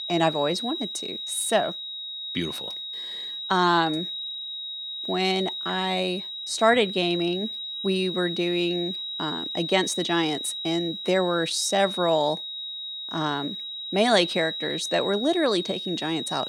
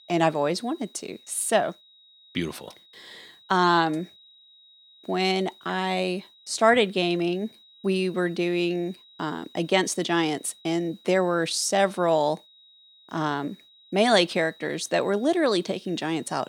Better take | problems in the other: second | high-pitched whine; loud; throughout; 4 kHz, 5 dB below the speech; faint in the second

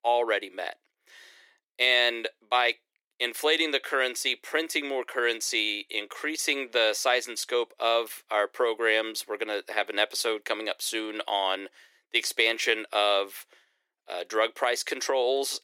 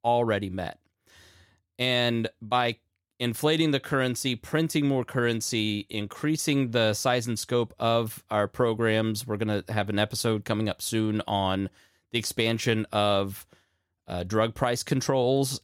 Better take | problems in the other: second | thin; very; fading below 350 Hz

